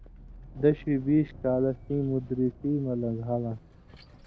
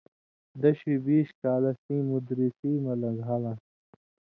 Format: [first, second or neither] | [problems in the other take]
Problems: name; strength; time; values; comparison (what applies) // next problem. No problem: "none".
second | background sound (Sliding door + Vehicle); 19 dB below the speech